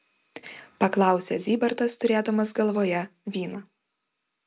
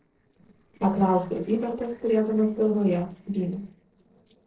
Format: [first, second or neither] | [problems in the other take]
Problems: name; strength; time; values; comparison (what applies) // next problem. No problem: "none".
first | noise reduction (neural separator model SepFormer DNS4)